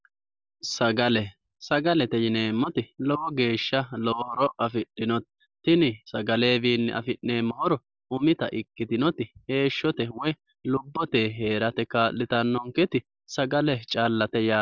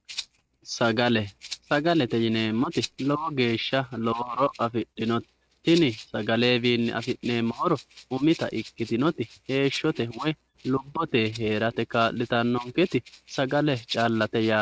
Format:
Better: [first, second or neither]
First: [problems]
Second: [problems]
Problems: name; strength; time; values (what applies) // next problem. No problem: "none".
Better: first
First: none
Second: noise reduction (neural mask model RNNoise)